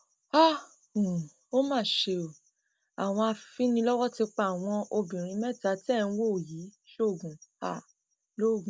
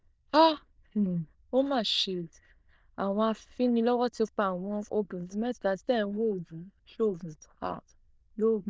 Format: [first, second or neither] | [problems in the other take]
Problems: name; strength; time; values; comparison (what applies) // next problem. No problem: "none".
first | noise reduction (neural diffusion model UNIVERSE++)